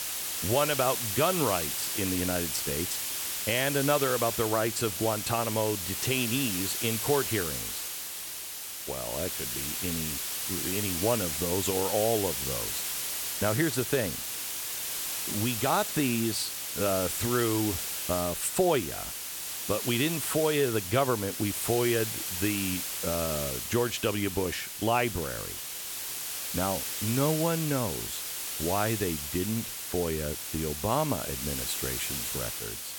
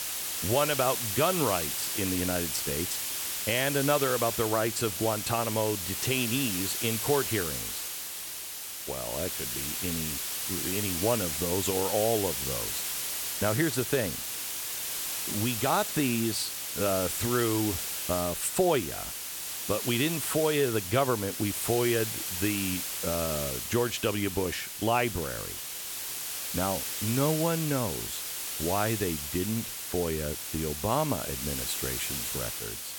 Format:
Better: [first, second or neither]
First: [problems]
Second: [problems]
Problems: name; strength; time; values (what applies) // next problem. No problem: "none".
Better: neither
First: hiss; loud; throughout; 2 dB below the speech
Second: hiss; loud; throughout; 2 dB below the speech